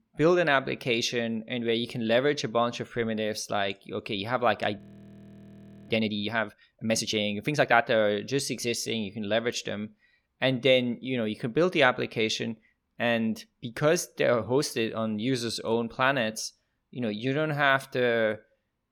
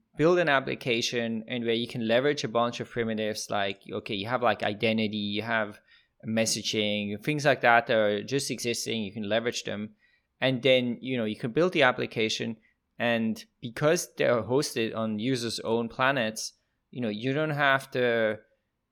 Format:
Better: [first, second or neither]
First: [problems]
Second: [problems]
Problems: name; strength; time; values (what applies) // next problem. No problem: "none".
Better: second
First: audio freezing; at 5 s for 1 s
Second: none